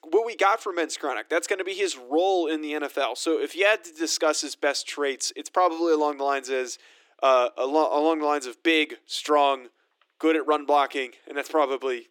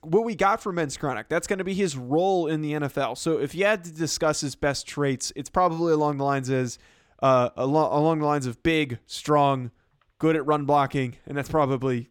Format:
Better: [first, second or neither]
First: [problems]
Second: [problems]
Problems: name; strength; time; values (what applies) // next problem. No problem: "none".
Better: second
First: thin; somewhat; fading below 300 Hz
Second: none